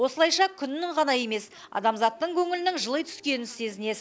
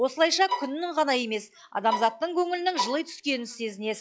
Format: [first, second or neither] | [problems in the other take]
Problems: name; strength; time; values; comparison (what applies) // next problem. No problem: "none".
first | noise reduction (classical method log-MMSE)